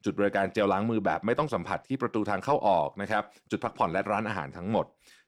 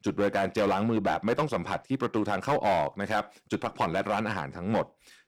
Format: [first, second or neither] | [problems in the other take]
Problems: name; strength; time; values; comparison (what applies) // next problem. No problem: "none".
first | distortion; slight; 6% of the sound clipped